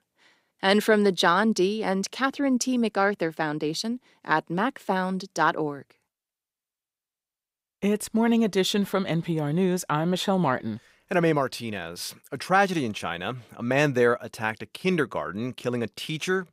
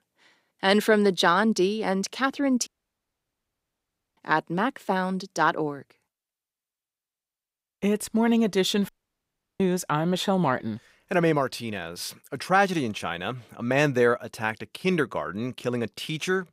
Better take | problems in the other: first | audio cutting out; at 2.5 s for 1.5 s and at 9 s for 0.5 s

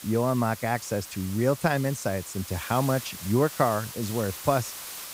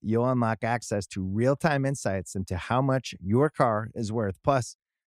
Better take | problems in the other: second | hiss; noticeable; throughout; 10 dB below the speech

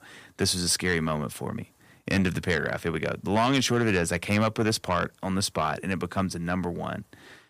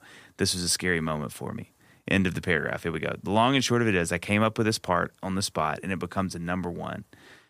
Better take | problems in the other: second | distortion; slight; 10 dB below the speech

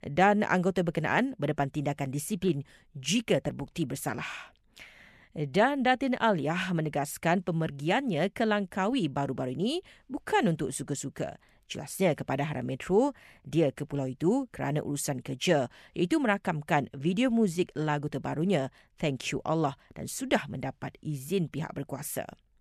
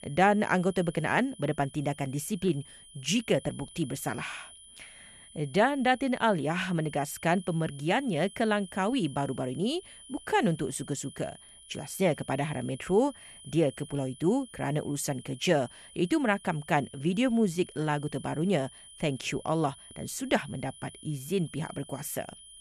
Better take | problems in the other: first | high-pitched whine; noticeable; throughout; 3 kHz, 20 dB below the speech

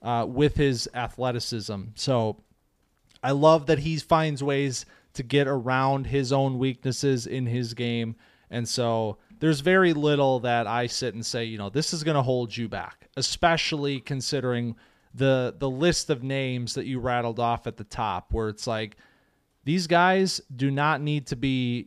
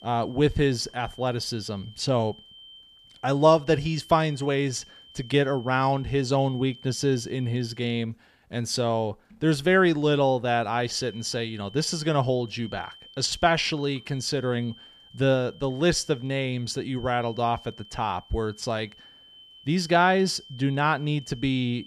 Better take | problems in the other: first | high-pitched whine; faint; until 8 s and from 11 s on; 3 kHz, 20 dB below the speech

